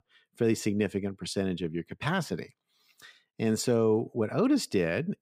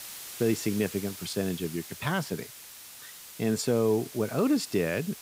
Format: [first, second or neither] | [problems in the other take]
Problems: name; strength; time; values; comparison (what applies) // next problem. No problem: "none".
first | hiss; noticeable; throughout; 10 dB below the speech